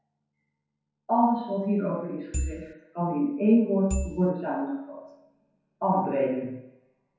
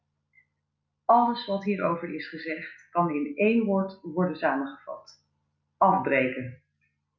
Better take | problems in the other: second | background sound (Marimba, xylophone / Wood); 3 dB below the speech // room echo; dies away in 0.9 s

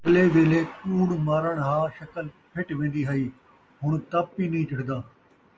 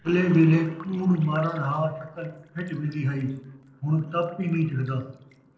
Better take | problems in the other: first | noise reduction (neural separator model SepFormer DNS4)

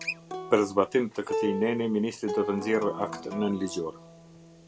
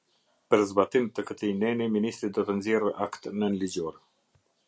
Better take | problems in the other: second | background sound (Acoustic guitar); 8 dB below the speech

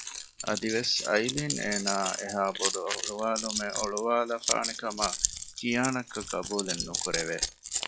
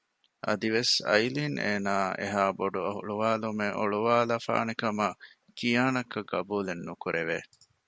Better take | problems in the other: second | noise reduction (classical method log-MMSE)

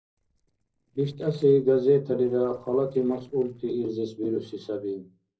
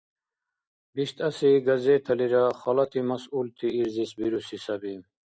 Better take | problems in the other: second | noise reduction (neural separator model SepFormer DNS4)

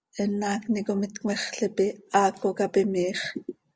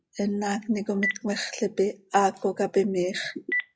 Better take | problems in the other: first | noise reduction (classical method log-MMSE)

